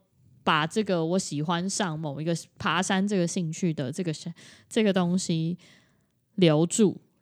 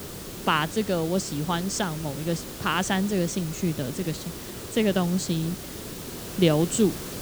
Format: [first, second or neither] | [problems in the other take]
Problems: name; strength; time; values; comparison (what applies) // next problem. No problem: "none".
first | hiss; loud; throughout; 10 dB below the speech